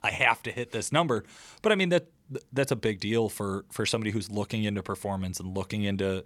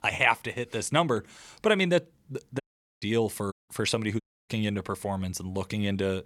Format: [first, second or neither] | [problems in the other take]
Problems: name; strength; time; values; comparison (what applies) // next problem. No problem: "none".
first | audio cutting out; at 2.5 s, at 3.5 s and at 4 s